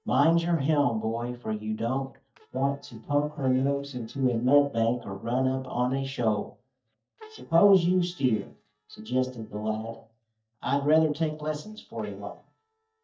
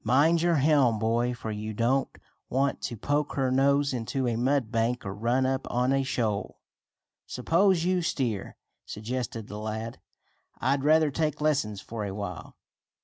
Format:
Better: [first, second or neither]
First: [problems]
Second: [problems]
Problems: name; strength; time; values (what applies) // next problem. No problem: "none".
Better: second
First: noise reduction (neural mask model DeepFilterNet 3)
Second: none